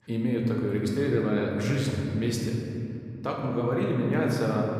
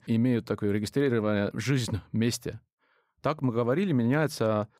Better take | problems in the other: second | room echo; noticeable; dies away in 2.8 s // off-mic speech; somewhat distant

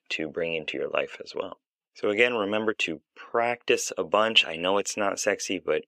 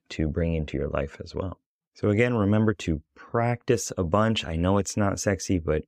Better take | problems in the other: second | thin; somewhat; fading below 450 Hz

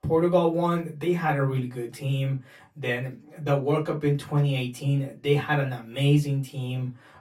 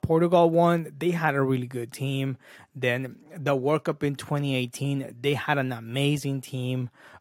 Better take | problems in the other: second | off-mic speech; far // room echo; very slight; dies away in 0.2 s

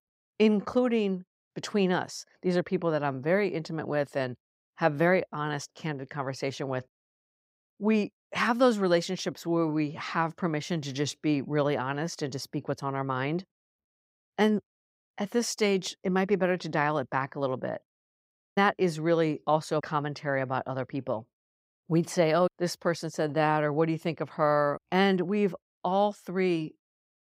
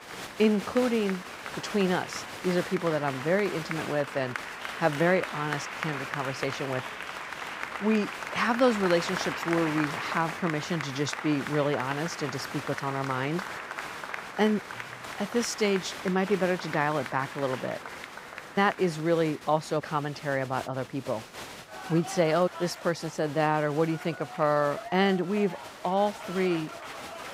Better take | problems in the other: first | crowd noise; loud; throughout; 8 dB below the speech

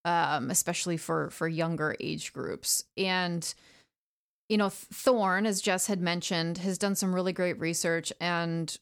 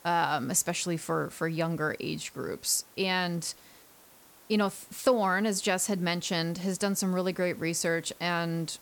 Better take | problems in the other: first | hiss; faint; throughout; 25 dB below the speech

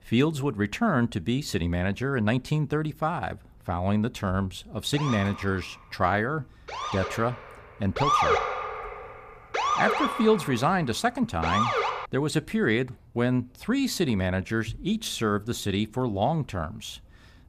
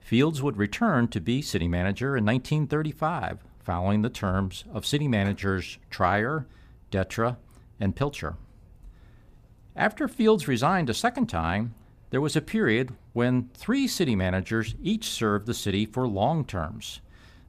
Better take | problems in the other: second | siren; loud; from 5 to 12 s; peak 5 dB above the speech

